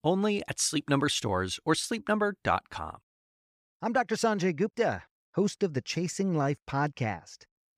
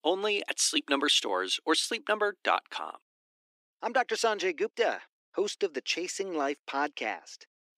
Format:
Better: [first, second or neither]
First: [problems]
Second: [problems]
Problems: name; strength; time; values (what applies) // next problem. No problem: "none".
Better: first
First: none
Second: thin; somewhat; fading below 300 Hz